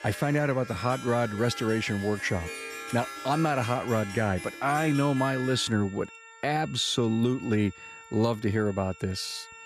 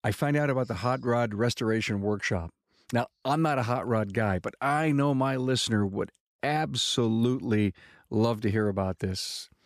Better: second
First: background music; noticeable; throughout; 10 dB below the speech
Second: none

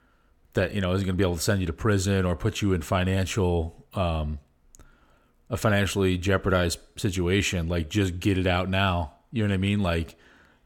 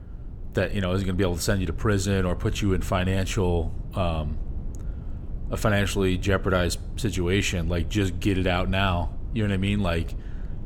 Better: first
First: none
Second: low rumble; faint; throughout; 20 dB below the speech

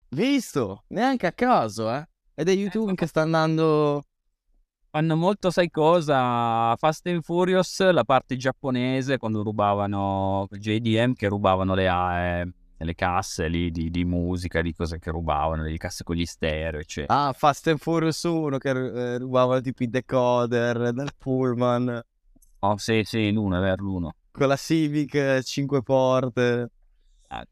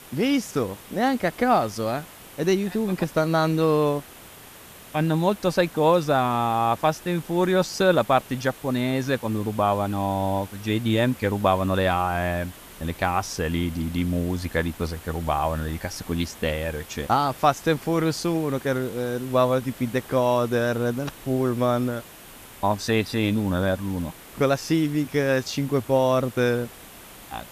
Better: first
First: none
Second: hiss; noticeable; throughout; 20 dB below the speech

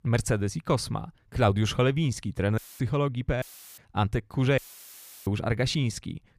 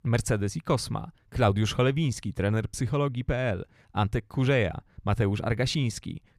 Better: second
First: audio cutting out; filled with static; at 2.5 s, at 3.5 s and at 4.5 s for 0.5 s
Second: none

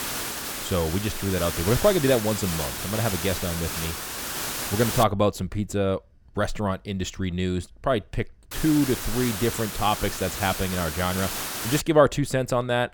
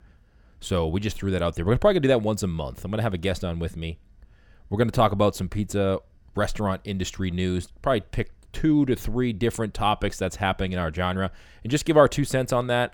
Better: second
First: hiss; loud; until 5 s and from 8.5 to 12 s; 4 dB below the speech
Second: none

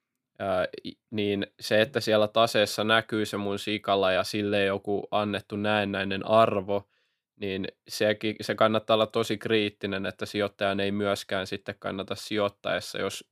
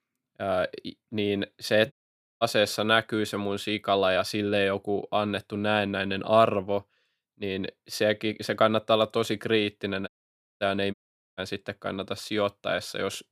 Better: first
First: none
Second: audio cutting out; at 2 s, at 10 s for 0.5 s and at 11 s

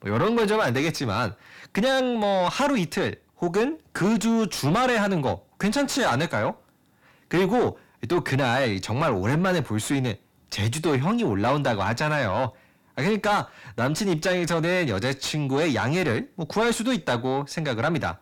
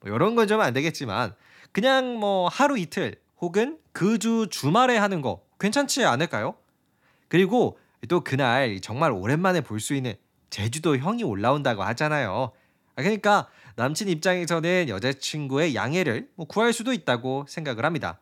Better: second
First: distortion; heavy; 6 dB below the speech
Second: none

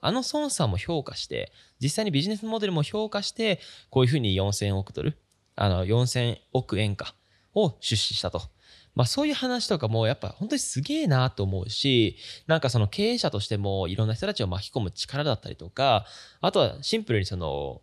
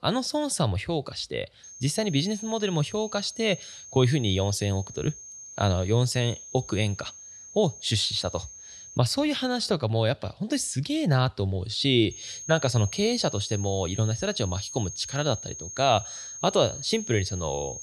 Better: first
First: none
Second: high-pitched whine; noticeable; from 1.5 to 9 s and from 12 s on; 6.5 kHz, 10 dB below the speech

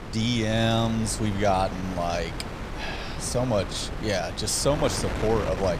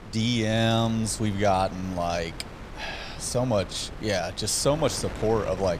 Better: second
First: wind noise on the microphone; heavy; 9 dB below the speech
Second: wind noise on the microphone; occasional gusts; 15 dB below the speech

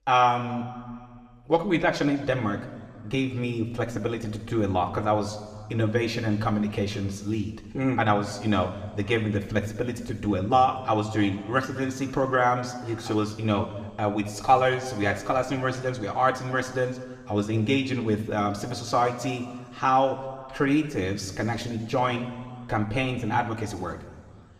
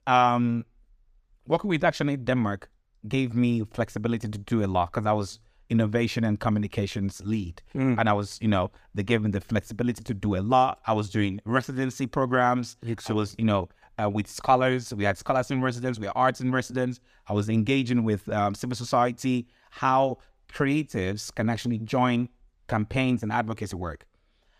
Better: second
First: room echo; slight; dies away in 1.6 s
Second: none

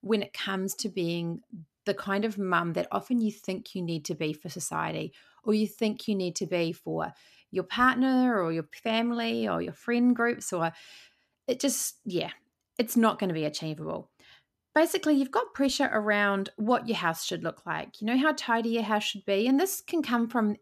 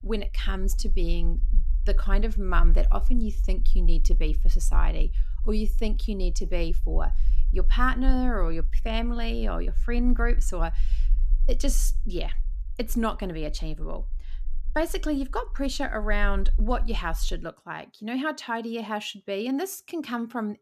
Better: first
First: none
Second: low rumble; faint; until 17 s; 25 dB below the speech

